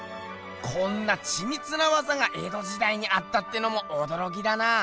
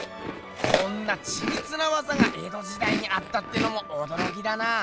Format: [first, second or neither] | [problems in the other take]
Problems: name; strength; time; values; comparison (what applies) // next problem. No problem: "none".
first | background sound (Chewing, mastication); 2 dB below the speech